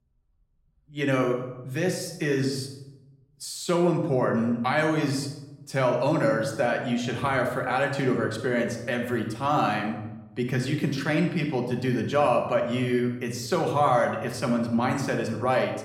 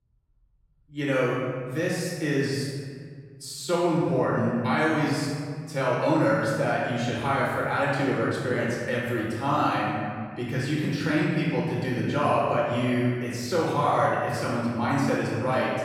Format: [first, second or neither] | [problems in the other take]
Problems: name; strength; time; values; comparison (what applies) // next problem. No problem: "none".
first | room echo; strong; dies away in 1.8 s; slight in the first // off-mic speech; far